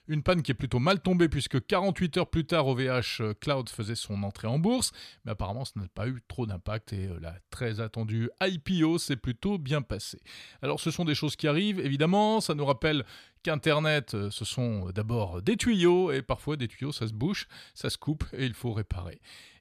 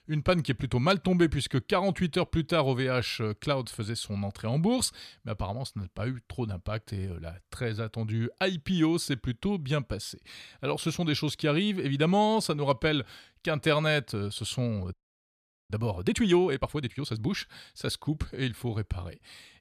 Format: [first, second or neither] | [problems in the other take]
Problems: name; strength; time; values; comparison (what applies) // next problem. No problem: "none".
first | audio freezing; at 15 s for 1 s